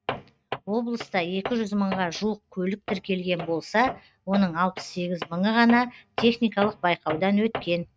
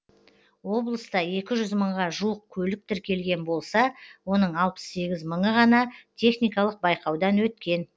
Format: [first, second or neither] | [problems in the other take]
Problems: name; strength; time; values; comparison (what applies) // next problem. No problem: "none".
second | noise reduction (neural mask model RNNoise)